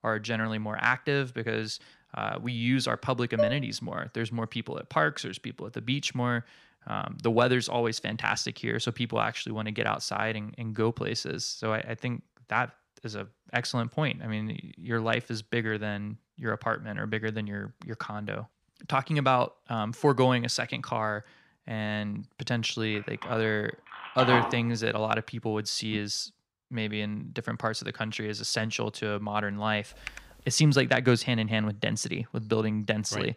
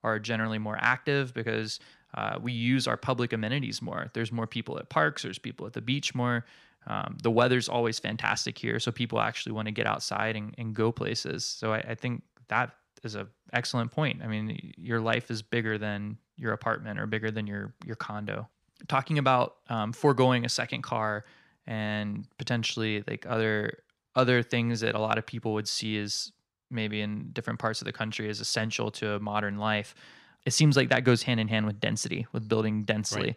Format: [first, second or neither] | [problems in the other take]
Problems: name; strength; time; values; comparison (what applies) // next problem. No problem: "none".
second | clattering dishes; loud; at 3.5 s; peak level with the speech // phone ringing; loud; from 23 to 26 s; peak 3 dB above the speech // keyboard typing; faint; at 30 s; peak 15 dB below the speech